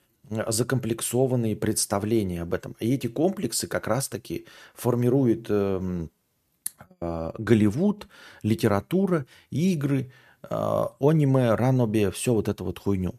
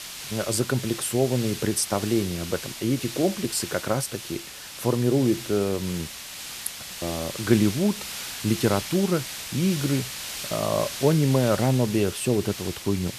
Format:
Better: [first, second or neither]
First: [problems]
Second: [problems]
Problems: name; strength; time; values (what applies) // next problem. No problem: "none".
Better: first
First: none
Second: hiss; loud; throughout; 9 dB below the speech